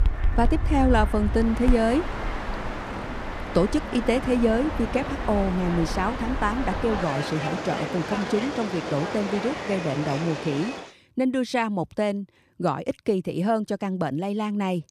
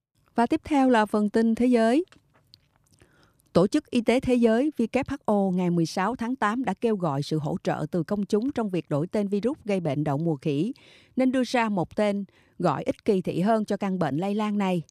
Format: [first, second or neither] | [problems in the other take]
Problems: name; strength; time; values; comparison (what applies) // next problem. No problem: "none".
second | train or aircraft noise; loud; until 11 s; 5 dB below the speech